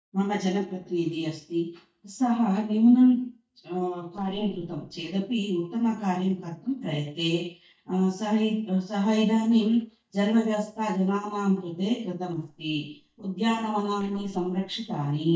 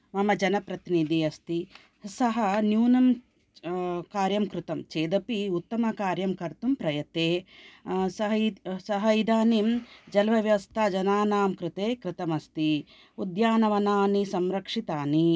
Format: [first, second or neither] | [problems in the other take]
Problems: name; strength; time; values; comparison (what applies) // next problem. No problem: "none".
second | noise reduction (neural mask model DeepFilterNet 3)